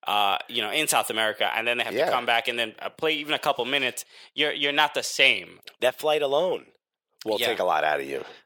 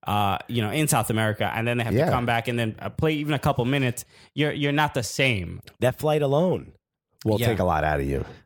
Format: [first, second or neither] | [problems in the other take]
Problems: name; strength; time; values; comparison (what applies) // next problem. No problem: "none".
second | thin; very; fading below 500 Hz